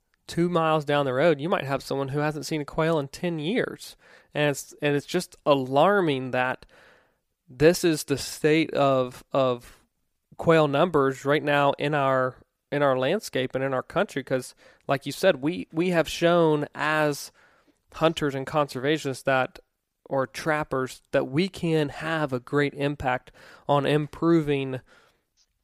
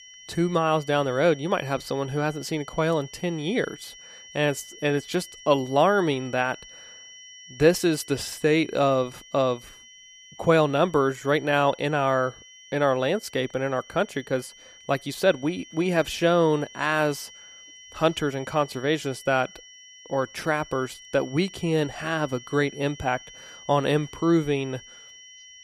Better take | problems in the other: first | high-pitched whine; noticeable; throughout; 3 kHz, 20 dB below the speech

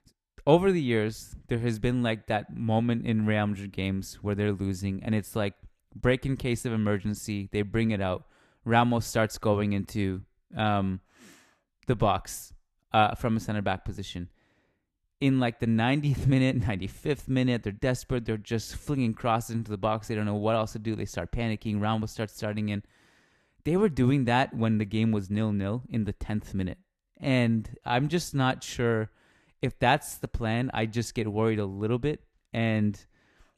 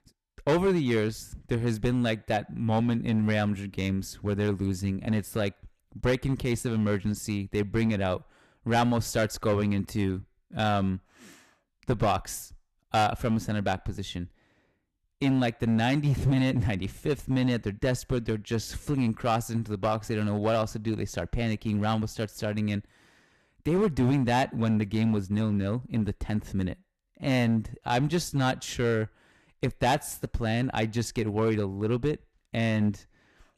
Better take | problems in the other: first | distortion; slight; 5% of the sound clipped

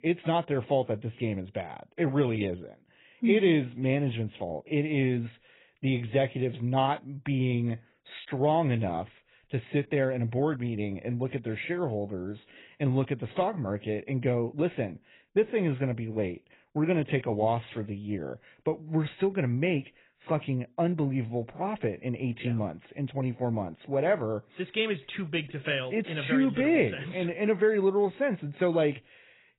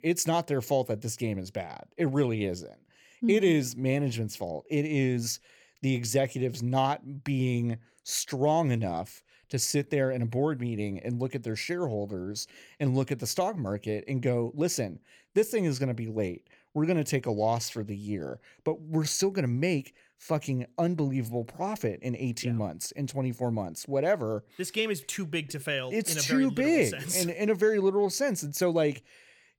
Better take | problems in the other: second | garbled, watery; badly; nothing above 4 kHz

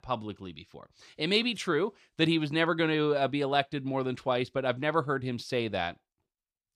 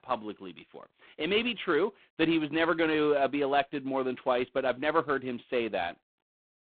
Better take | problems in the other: first | phone-call audio; poor line

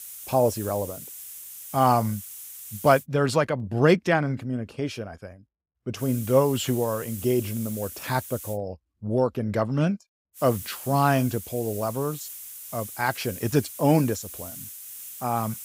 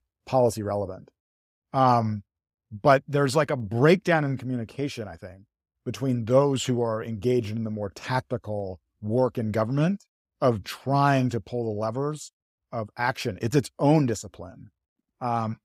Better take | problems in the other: second | hiss; noticeable; until 3 s, from 6 to 8.5 s and from 10 s on; 10 dB below the speech

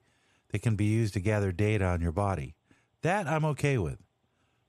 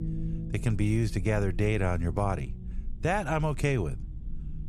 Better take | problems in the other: first | low rumble; noticeable; throughout; 20 dB below the speech

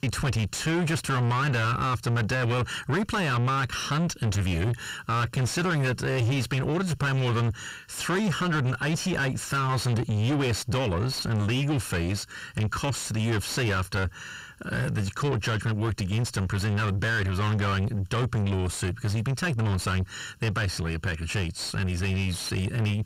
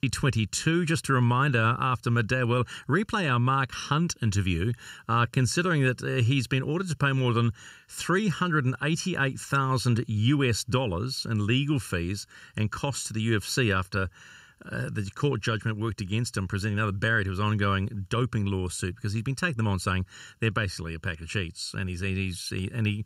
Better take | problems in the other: second | distortion; heavy; 7 dB below the speech

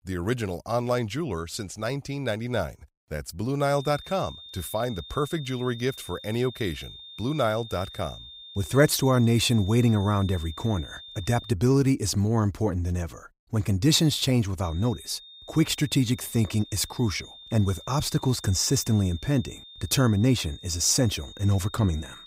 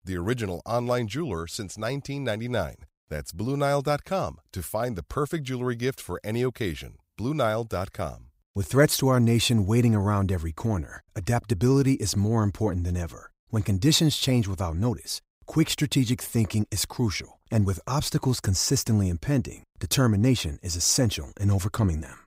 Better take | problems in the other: second | high-pitched whine; noticeable; from 4 to 12 s and from 15 s on; 3.5 kHz, 15 dB below the speech

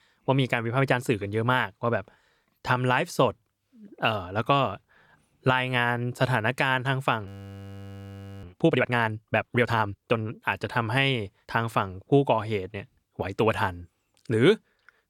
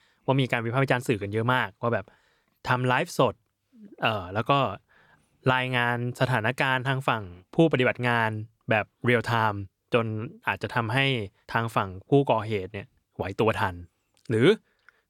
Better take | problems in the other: second | audio freezing; at 7.5 s for 1 s

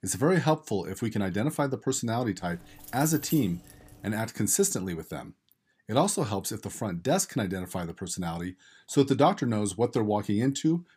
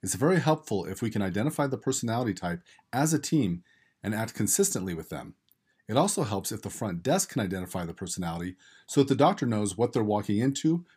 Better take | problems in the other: second | jangling keys; noticeable; from 2.5 to 4 s; peak 9 dB below the speech

